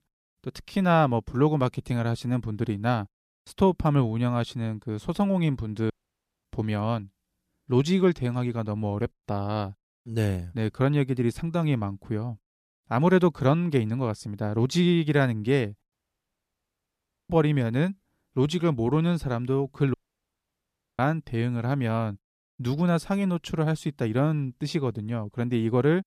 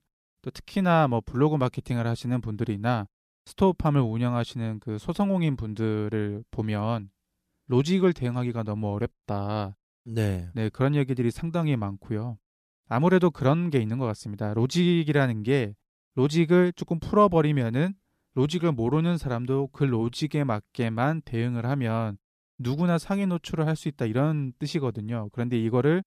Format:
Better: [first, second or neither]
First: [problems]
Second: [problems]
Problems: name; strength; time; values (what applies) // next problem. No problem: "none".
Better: second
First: audio cutting out; at 6 s for 0.5 s, at 16 s for 1.5 s and at 20 s for 1 s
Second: none